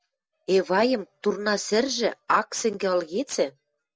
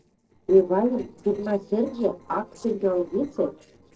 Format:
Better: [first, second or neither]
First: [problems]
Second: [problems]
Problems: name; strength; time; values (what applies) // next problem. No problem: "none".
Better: first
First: none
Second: noise reduction (neural separator model SepFormer DNS4)